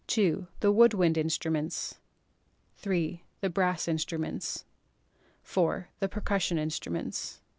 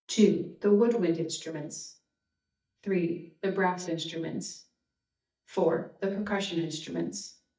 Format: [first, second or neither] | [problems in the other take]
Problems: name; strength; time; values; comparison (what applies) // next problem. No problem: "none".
first | noise reduction (neural mask model DeepFilterNet 3)